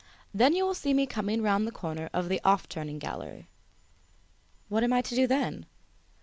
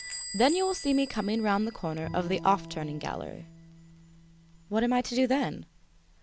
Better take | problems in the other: first | background sound (Door / Bell + Bowed string instrument); 14 dB below the speech

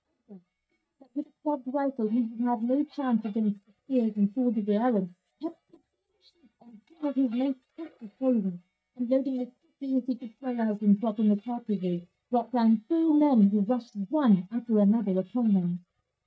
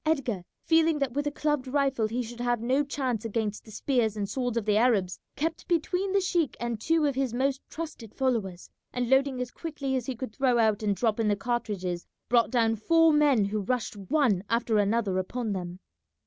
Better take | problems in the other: second | noise reduction (neural mask model DeepFilterNet 3)

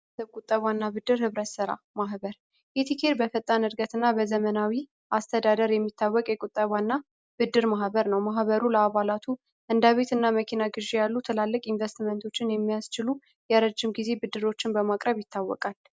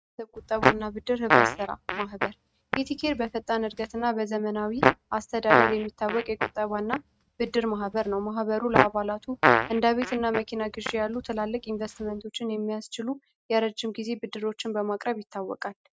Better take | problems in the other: first | noise reduction (neural mask model RNNoise)

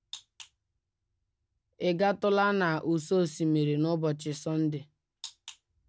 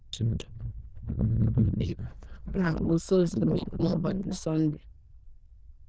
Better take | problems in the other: first | noise reduction (neural diffusion model UNIVERSE++)

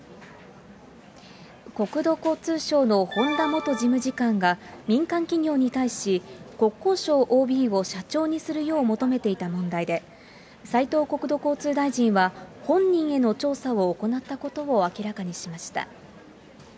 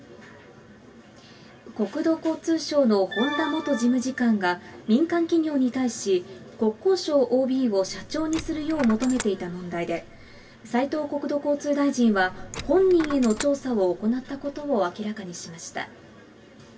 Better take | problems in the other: first | background sound (Coin (dropping)); 14 dB below the speech // room echo; dies away in 0.1 s

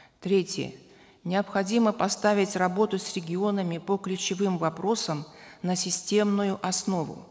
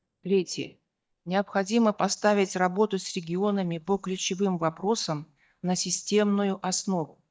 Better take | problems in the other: first | noise reduction (neural mask model DeepFilterNet 3)

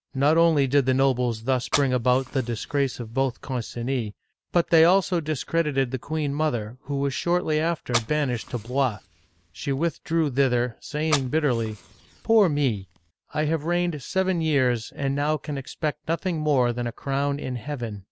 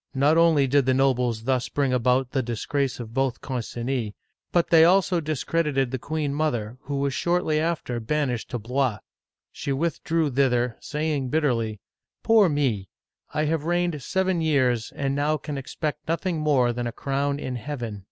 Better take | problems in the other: second | background sound (Fire); 13 dB below the speech

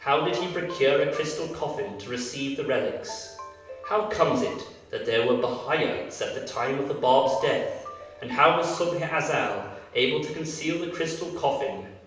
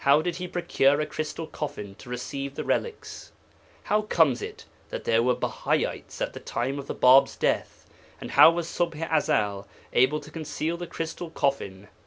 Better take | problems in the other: second | background sound (Ringtone); 18 dB below the speech // room echo; dies away in 0.9 s

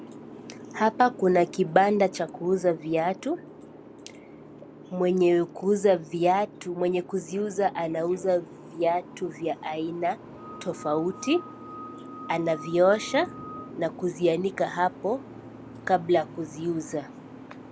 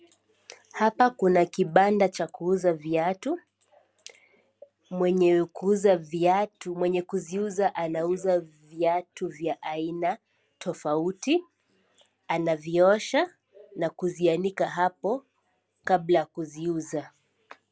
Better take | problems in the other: second | background sound (Boat, Water vehicle + Screech / Glass); 16 dB below the speech

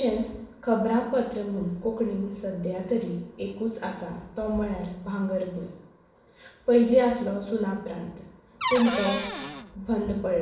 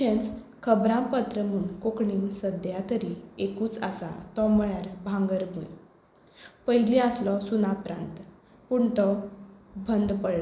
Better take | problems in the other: second | background sound (Cupboard open or close / Door); 4 dB below the speech // room echo; dies away in 0.6 s

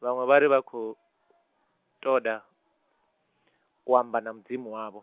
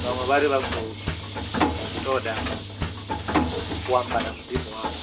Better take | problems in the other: first | background sound (Mechanisms); as loud as the speech // room echo; dies away in 2.7 s

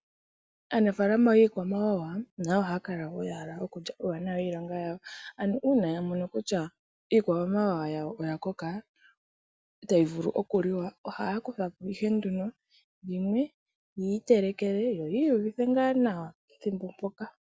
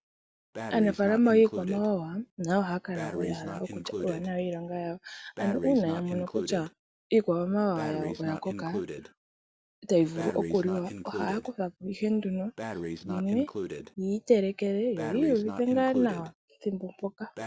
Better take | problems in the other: first | background sound (Breathing); 10 dB below the speech

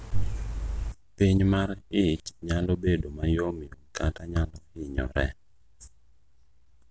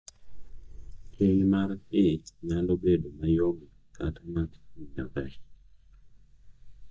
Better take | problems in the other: first | noise reduction (neural mask model DeepFilterNet 3)

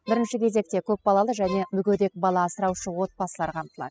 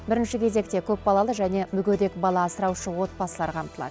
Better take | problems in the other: second | noise reduction (classical method spectral subtraction)

